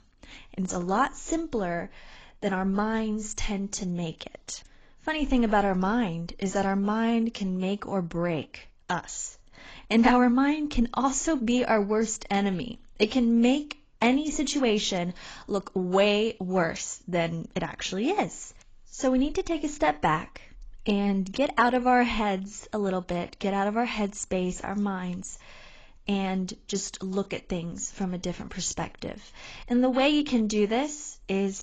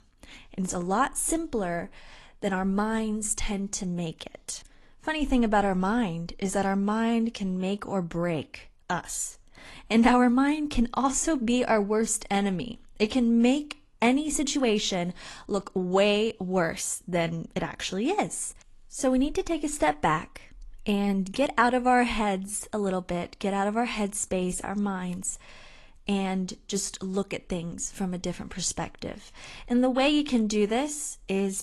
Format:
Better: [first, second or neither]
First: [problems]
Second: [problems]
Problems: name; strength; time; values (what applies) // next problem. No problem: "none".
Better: second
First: garbled, watery; badly; nothing above 7.5 kHz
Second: garbled, watery; slightly; nothing above 11 kHz